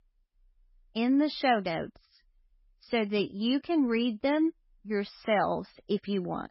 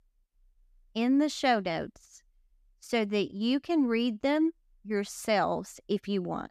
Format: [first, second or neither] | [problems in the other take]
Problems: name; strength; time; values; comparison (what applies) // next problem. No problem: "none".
second | garbled, watery; badly; nothing above 5.5 kHz